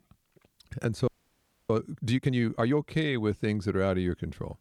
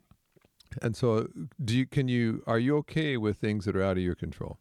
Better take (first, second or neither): second